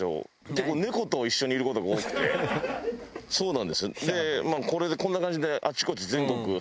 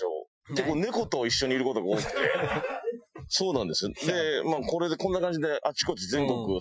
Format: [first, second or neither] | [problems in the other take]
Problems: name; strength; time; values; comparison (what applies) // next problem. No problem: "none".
first | noise reduction (classical method Wiener filter)